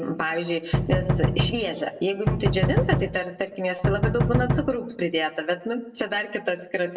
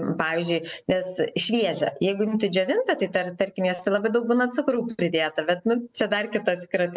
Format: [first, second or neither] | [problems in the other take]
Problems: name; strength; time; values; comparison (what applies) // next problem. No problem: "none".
second | background sound (Knock); 2 dB above the speech // room echo; dies away in 0.6 s